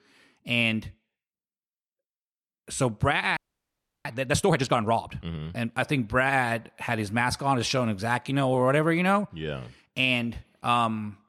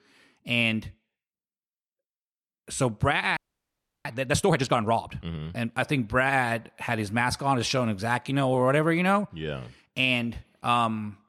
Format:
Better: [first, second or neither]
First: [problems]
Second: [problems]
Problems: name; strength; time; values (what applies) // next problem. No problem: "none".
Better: neither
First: audio freezing; at 3.5 s for 0.5 s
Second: audio freezing; at 3.5 s for 0.5 s